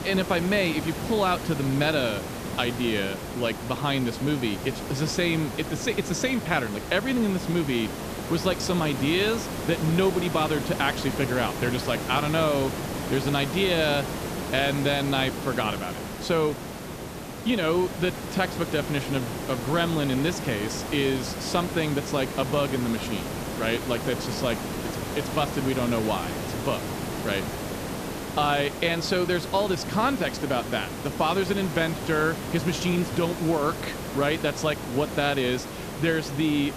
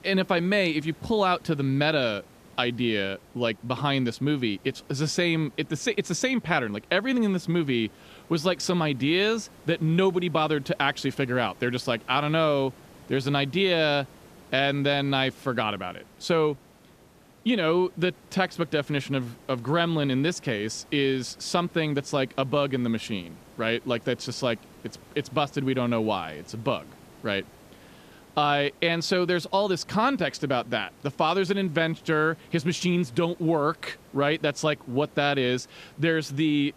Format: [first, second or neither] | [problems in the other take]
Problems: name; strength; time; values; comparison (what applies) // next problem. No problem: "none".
second | hiss; loud; throughout; 6 dB below the speech; faint in the second